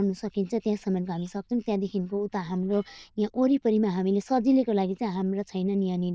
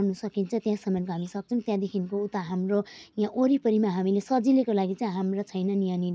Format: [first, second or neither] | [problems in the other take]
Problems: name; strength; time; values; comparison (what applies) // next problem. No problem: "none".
second | noise reduction (neural diffusion model UNIVERSE++)